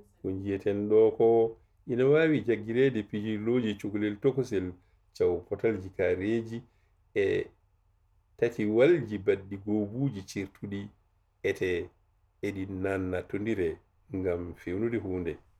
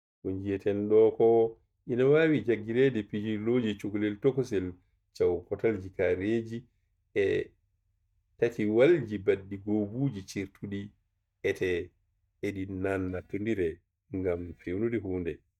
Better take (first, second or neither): first